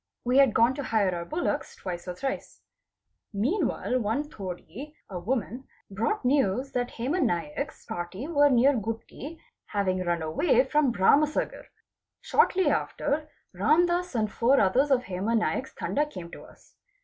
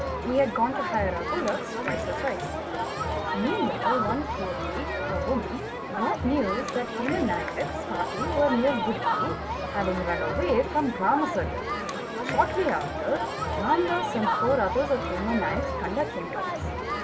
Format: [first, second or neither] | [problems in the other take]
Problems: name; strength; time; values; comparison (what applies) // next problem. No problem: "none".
first | background sound (Crowd); 1 dB below the speech